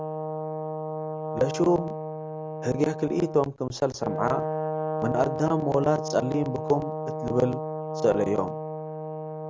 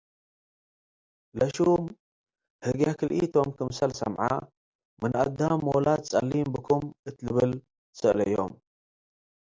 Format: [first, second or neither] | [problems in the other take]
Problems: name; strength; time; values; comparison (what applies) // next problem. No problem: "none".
second | background sound (Brass instrument); 4 dB below the speech